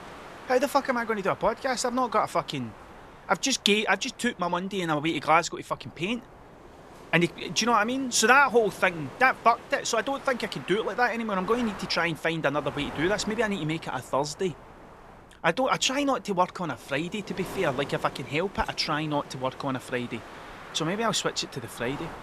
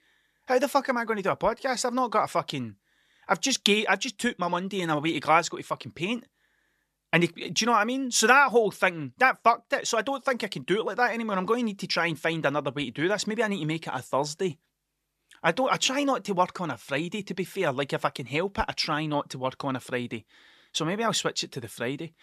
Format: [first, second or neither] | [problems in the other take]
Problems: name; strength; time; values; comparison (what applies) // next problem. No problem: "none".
second | wind noise on the microphone; occasional gusts; 20 dB below the speech